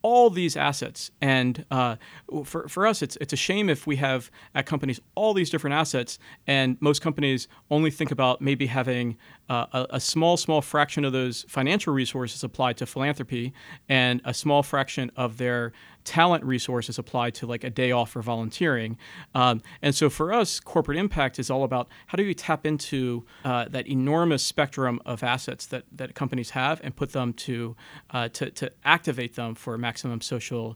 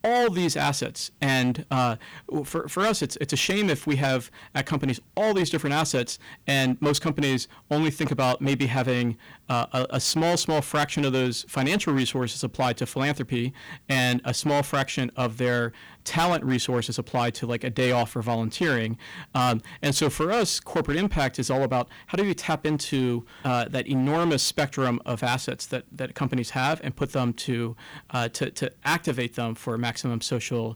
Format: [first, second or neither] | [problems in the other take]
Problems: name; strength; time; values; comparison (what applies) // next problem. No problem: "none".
first | distortion; heavy; 11% of the sound clipped